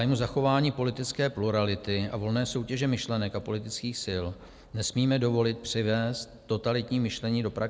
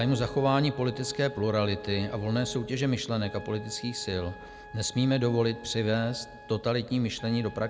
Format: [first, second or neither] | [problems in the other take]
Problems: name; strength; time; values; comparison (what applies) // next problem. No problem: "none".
first | background sound (Telephone + Trumpet); 16 dB below the speech